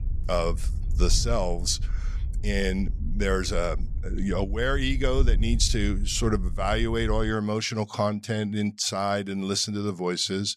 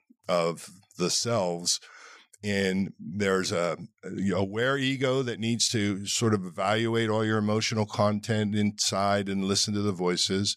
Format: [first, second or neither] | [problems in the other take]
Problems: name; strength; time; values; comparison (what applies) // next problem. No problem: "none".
second | wind noise on the microphone; occasional gusts; until 7.5 s; 20 dB below the speech